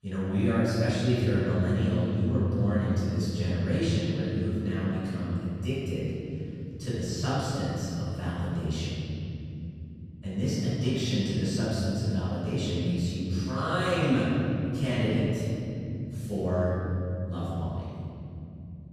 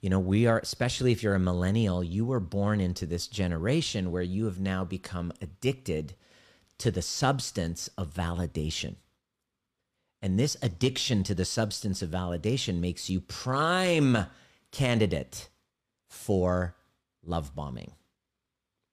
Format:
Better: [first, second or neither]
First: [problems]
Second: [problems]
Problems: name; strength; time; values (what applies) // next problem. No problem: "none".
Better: second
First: room echo; strong; dies away in 3 s // off-mic speech; far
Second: none